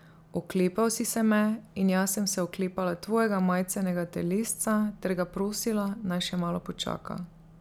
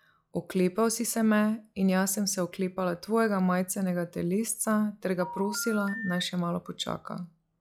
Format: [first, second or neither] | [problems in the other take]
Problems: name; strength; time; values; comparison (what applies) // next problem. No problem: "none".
first | noise reduction (classical method log-MMSE)